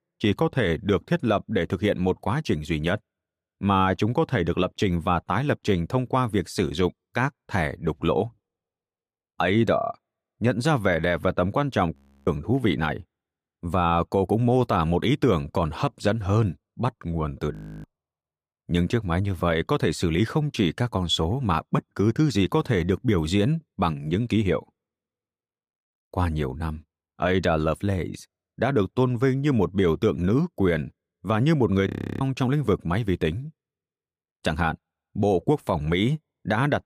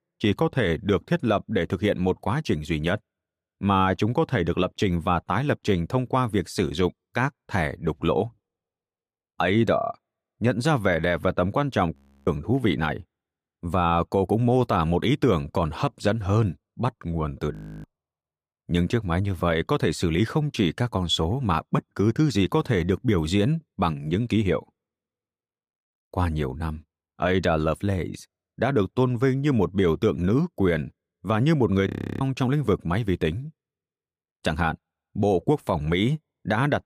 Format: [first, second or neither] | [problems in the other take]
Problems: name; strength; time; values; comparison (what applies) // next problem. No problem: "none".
neither | audio freezing; at 12 s, at 18 s and at 32 s; the same in both